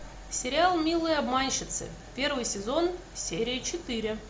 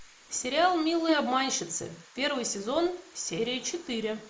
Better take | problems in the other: first | noise reduction (neural mask model Resemble Enhance denoiser)

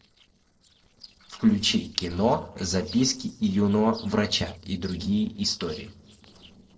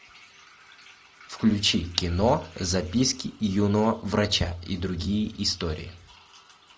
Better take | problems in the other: second | noise reduction (neural separator model SepFormer DNS4)

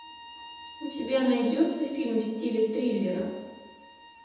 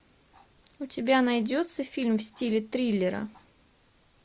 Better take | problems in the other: second | background sound (Bowed string instrument); 19 dB below the speech // room echo; dies away in 1.1 s

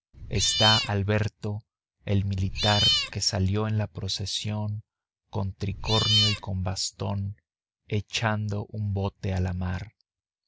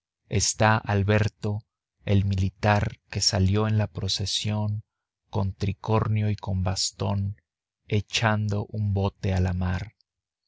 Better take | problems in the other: second | background sound (Cat); 2 dB above the speech

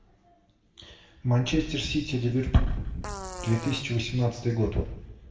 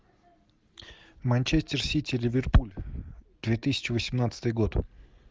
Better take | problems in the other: second | background sound (Fart); 14 dB below the speech // room echo; dies away in 0.9 s

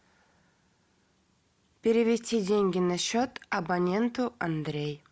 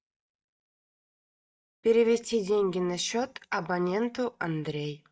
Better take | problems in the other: first | noise reduction (neural mask model DeepFilterNet 3)

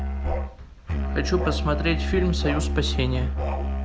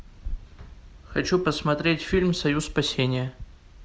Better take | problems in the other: second | background sound (Musical instrument); 2 dB above the speech

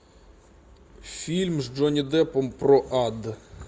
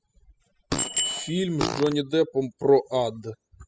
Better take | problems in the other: first | noise reduction (classical method spectral subtraction)

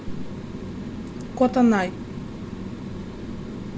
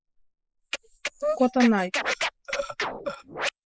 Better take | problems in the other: first | noise reduction (neural mask model Resemble Enhance denoiser)

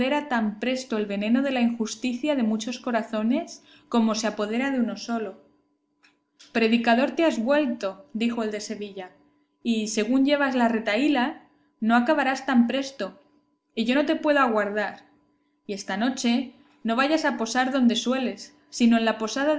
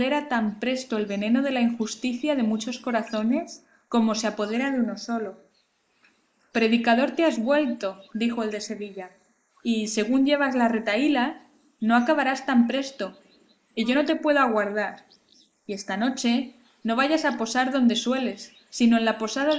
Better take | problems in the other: first | noise reduction (neural mask model Resemble Enhance denoiser)

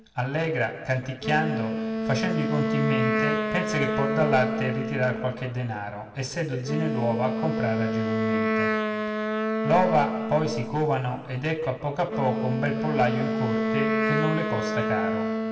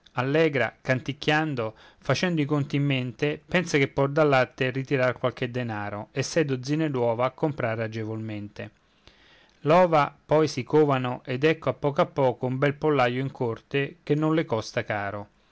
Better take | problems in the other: second | background sound (Wind instrument, woodwind instrument); as loud as the speech // room echo; dies away in 2.1 s

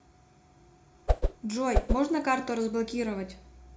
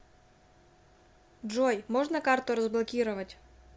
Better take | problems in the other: second | background sound (Whoosh, swoosh, swish); 4 dB above the speech // room echo; dies away in 0.3 s

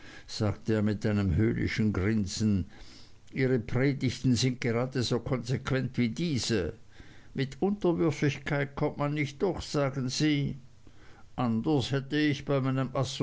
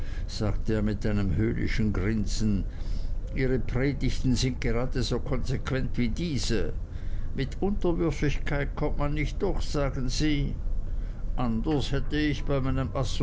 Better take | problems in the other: first | background sound (Boat, Water vehicle); 1 dB above the speech

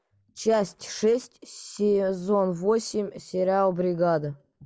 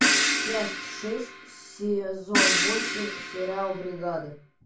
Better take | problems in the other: first | background sound (Crash cymbal); 4 dB above the speech // room echo; dies away in 0.3 s

